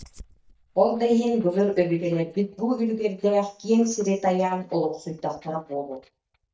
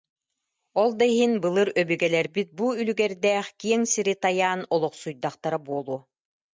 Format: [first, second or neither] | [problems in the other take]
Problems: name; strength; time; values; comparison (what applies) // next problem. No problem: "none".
second | noise reduction (neural mask model DeepFilterNet 3)